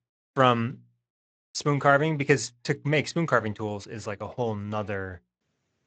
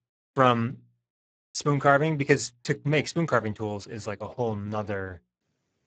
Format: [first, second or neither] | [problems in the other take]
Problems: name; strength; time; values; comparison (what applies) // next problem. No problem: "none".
first | garbled, watery; badly; nothing above 7.5 kHz; slightly in the first